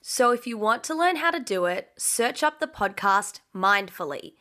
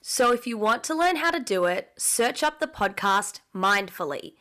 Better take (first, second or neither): first